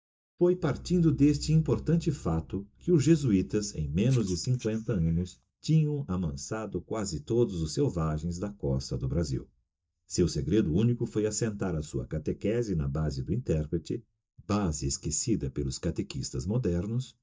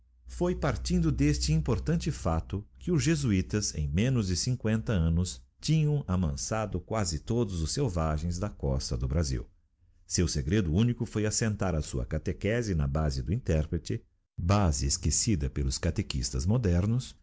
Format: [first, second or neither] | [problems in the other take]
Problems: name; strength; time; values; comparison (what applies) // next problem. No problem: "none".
second | noise reduction (neural mask model DeepFilterNet 3)